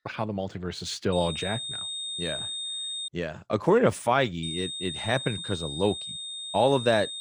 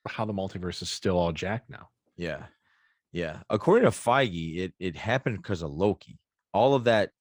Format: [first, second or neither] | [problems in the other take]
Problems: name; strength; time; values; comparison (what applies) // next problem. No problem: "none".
second | high-pitched whine; loud; from 1 to 3 s and from 4.5 s on; 3.5 kHz, 5 dB below the speech